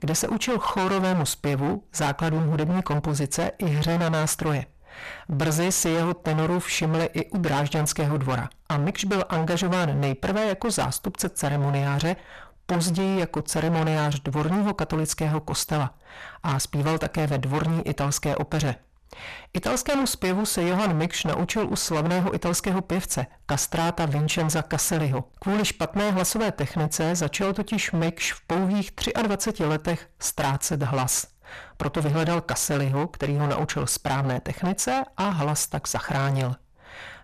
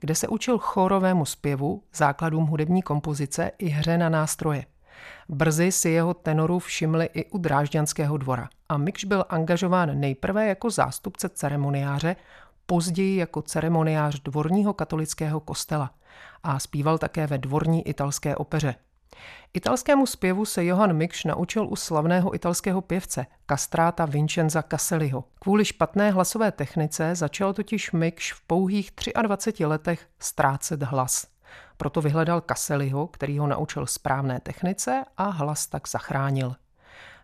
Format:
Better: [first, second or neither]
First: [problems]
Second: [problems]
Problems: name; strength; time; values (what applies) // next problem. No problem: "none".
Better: second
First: distortion; heavy; 28% of the sound clipped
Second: none